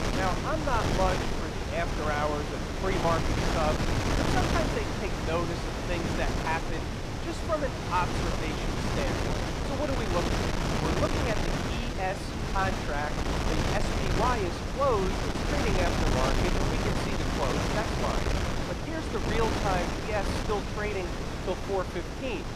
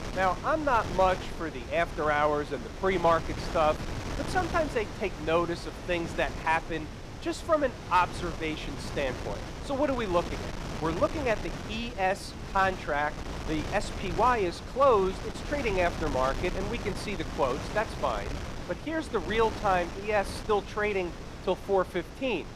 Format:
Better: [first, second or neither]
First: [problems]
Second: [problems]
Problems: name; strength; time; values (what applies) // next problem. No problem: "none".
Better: second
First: wind noise on the microphone; heavy; as loud as the speech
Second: wind noise on the microphone; occasional gusts; 10 dB below the speech